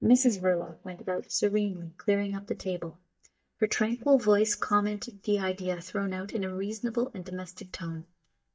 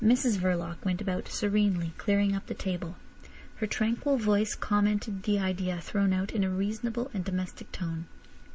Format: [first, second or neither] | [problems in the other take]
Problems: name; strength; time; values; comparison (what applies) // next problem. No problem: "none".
second | noise reduction (neural mask model DeepFilterNet 3)